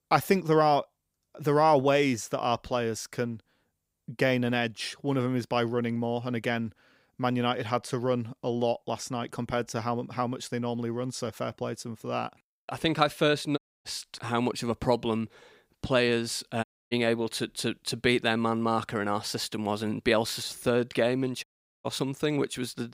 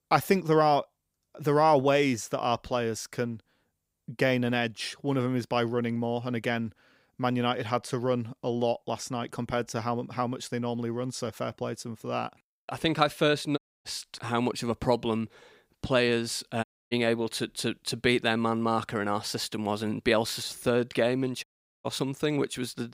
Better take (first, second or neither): neither